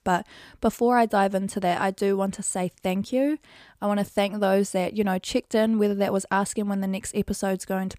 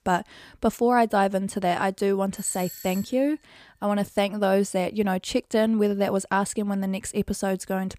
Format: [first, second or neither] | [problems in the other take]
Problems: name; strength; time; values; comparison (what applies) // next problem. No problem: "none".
first | doorbell; faint; at 2.5 s; peak 10 dB below the speech